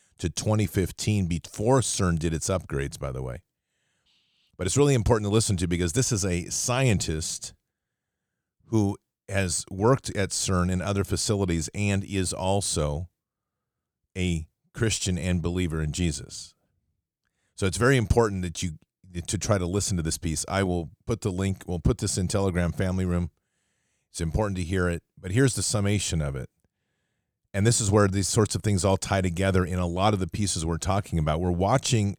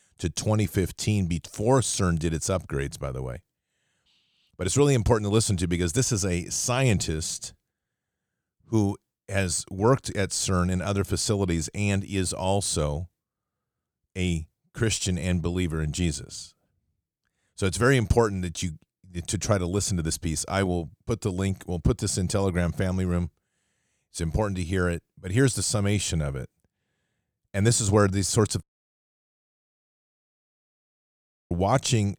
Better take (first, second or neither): first